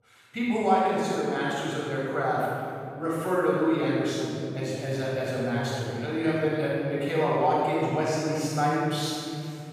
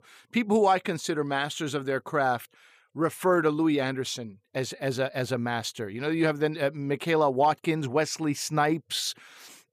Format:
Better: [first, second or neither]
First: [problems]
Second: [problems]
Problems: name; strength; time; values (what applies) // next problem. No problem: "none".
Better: second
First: off-mic speech; far // room echo; strong; dies away in 2.9 s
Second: none